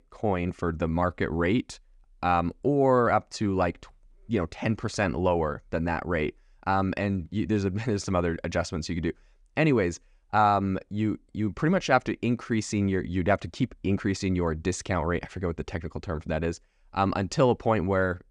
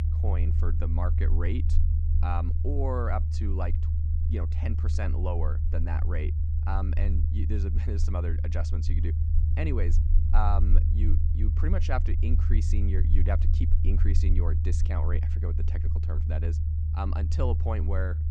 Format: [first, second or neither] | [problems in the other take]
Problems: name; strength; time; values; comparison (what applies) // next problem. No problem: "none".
first | low rumble; loud; throughout; 6 dB below the speech